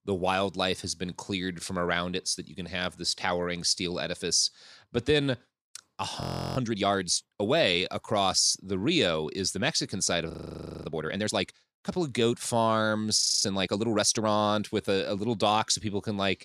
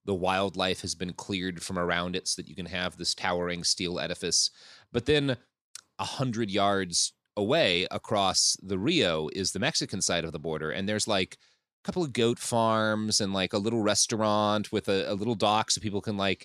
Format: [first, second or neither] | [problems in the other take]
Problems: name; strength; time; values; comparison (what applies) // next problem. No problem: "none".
second | audio freezing; at 6 s, at 10 s for 0.5 s and at 13 s